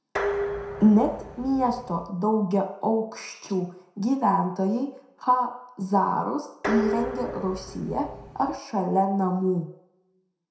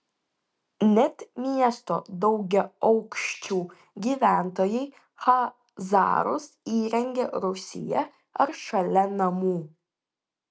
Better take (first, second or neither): second